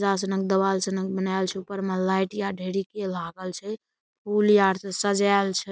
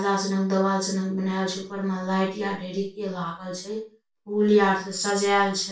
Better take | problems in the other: first | room echo; dies away in 0.3 s

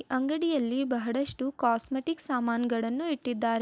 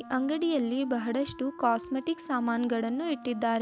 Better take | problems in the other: first | background sound (Wind instrument, woodwind instrument); 16 dB below the speech

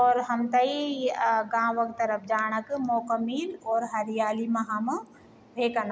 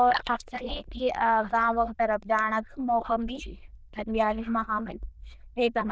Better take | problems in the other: first | noise reduction (neural diffusion model UNIVERSE++)

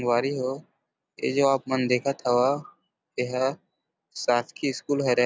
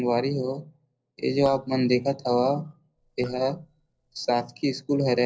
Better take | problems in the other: first | noise reduction (neural separator model SepFormer DNS4)

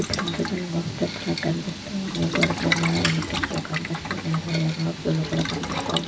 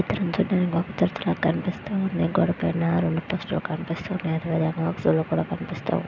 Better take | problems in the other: second | background sound (Boiling); 3 dB below the speech // room echo; dies away in 0.1 s

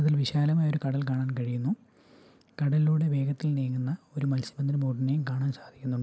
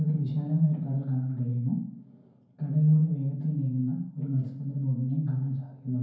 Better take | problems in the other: first | room echo; dies away in 0.9 s

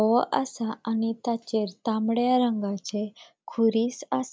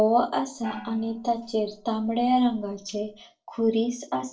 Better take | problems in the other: first | noise reduction (neural separator model SepFormer DNS4)

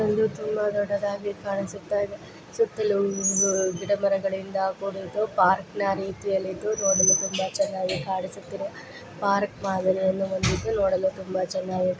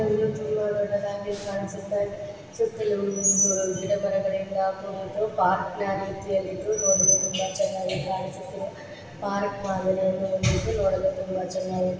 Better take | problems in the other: first | background sound (Breathing); 18 dB below the speech // room echo; dies away in 1.3 s

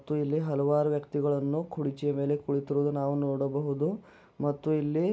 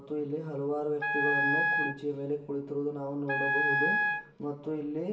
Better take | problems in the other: first | background sound (Wind instrument, woodwind instrument); 3 dB above the speech // room echo; dies away in 1.1 s

